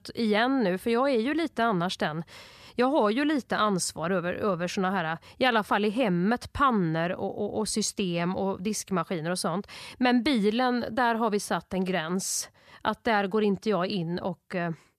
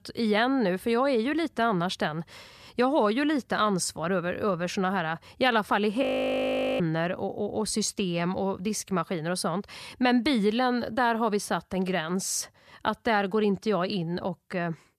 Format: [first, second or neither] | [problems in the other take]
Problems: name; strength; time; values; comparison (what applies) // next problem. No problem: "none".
first | audio freezing; at 6 s for 1 s